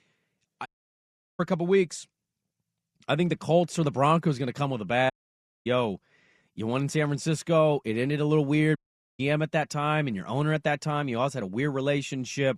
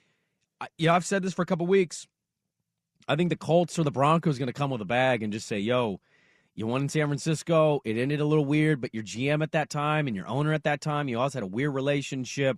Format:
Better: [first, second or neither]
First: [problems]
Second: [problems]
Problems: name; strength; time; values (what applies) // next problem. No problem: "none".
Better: second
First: audio cutting out; at 0.5 s for 0.5 s, at 5 s for 0.5 s and at 9 s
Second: none